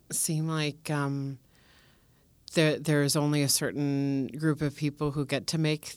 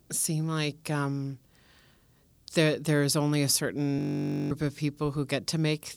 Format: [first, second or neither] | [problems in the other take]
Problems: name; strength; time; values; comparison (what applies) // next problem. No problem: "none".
first | audio freezing; at 4 s for 0.5 s